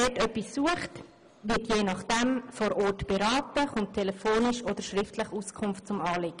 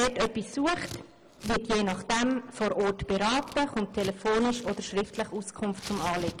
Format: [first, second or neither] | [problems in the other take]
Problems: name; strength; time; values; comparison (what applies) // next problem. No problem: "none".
first | background sound (Scissors); 17 dB below the speech